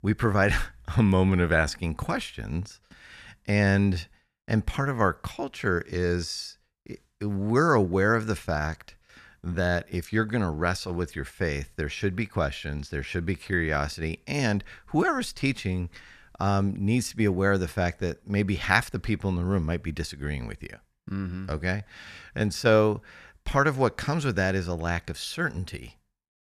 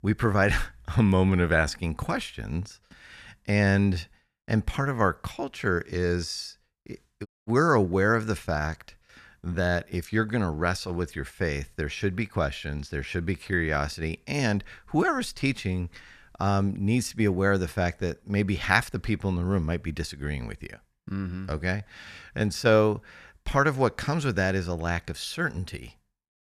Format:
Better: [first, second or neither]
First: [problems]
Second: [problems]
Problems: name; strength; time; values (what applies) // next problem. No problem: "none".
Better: first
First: none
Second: audio cutting out; at 7.5 s